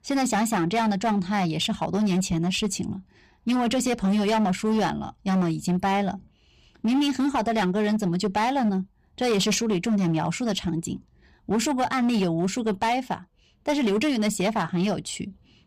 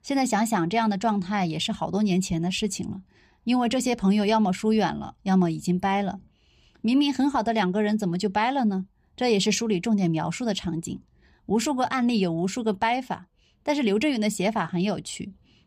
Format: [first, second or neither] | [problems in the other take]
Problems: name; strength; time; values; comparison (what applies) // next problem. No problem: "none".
second | distortion; slight; 13% of the sound clipped